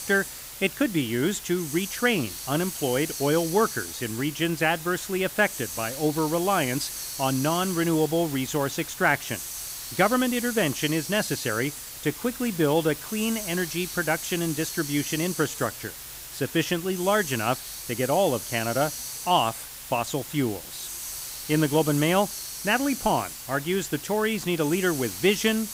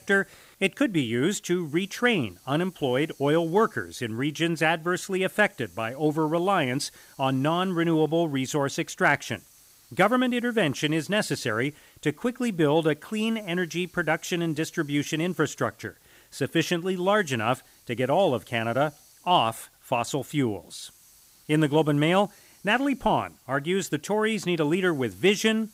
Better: second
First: hiss; loud; throughout; 8 dB below the speech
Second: hiss; faint; throughout; 30 dB below the speech

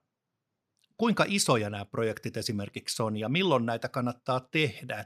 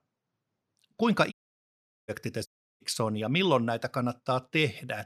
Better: first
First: none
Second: audio cutting out; at 1.5 s for 1 s and at 2.5 s

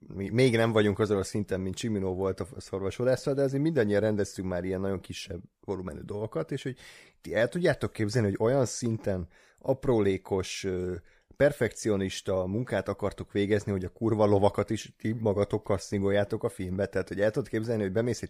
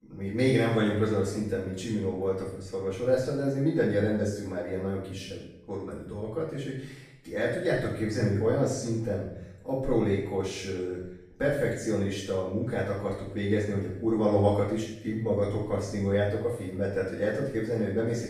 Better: first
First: none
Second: off-mic speech; far // room echo; noticeable; dies away in 0.7 s

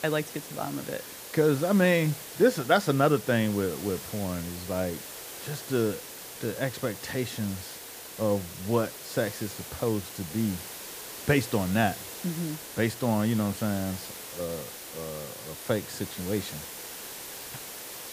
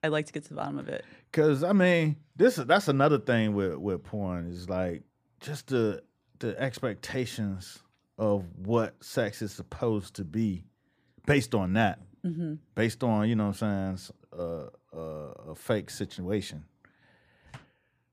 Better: second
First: hiss; noticeable; throughout; 10 dB below the speech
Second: none

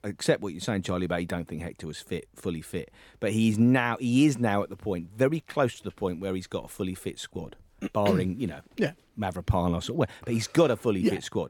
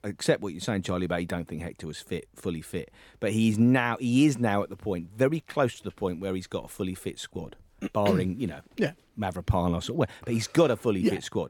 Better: neither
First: none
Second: none

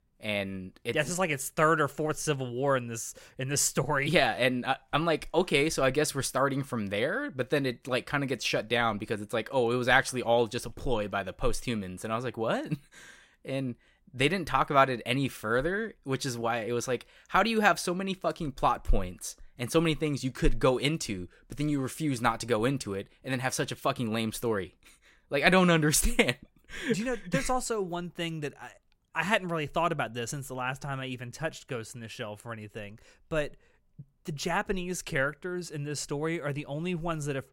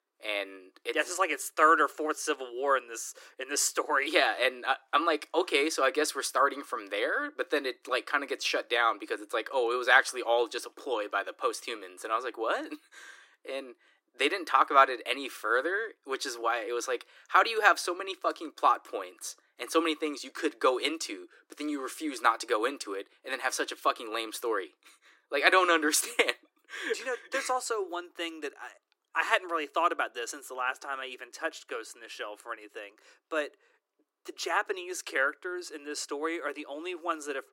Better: first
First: none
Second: thin; very; fading below 300 Hz

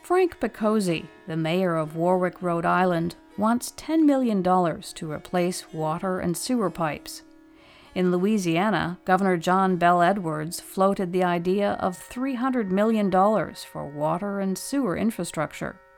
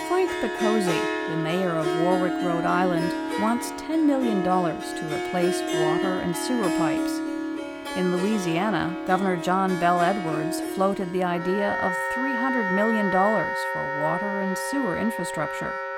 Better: first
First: background music; faint; throughout; 25 dB below the speech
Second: background music; loud; throughout; 2 dB below the speech

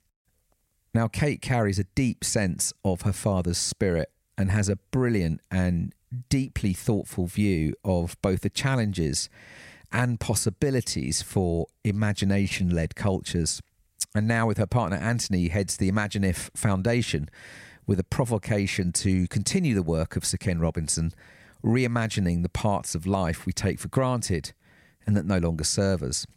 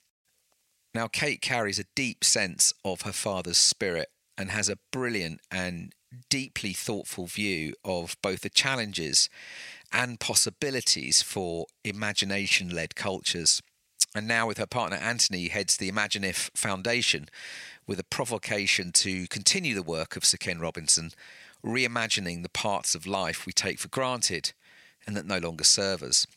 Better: first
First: none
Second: thin; somewhat; fading below 550 Hz

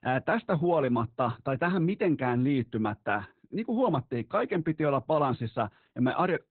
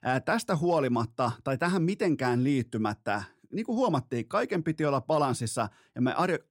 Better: second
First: garbled, watery; badly; nothing above 4 kHz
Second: none

